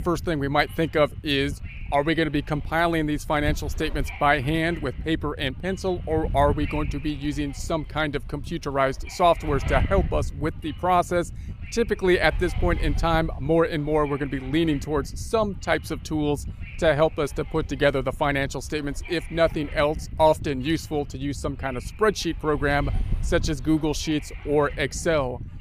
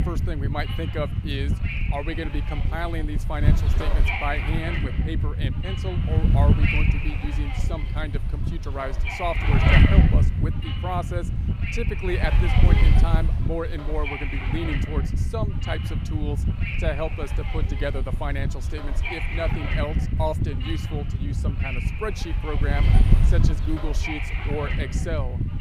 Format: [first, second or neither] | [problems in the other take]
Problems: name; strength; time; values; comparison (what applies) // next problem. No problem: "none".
first | wind noise on the microphone; heavy; as loud as the speech; occasional gusts in the first